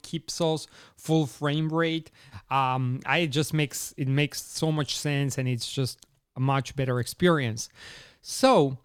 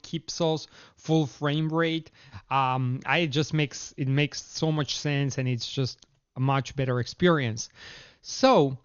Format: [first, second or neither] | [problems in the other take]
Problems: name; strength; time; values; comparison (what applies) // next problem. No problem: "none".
first | garbled, watery; slightly; nothing above 6.5 kHz